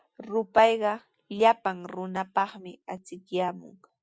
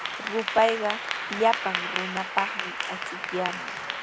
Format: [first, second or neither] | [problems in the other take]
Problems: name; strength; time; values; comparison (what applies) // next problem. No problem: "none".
first | background sound (Applause / Clapping); 3 dB below the speech